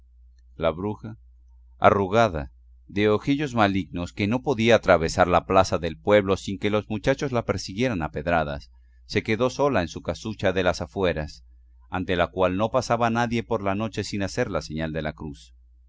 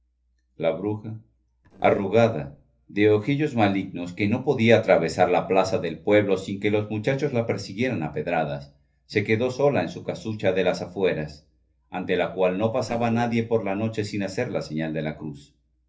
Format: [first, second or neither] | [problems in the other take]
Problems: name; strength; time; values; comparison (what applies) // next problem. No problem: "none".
first | noise reduction (neural separator model SepFormer DNS4)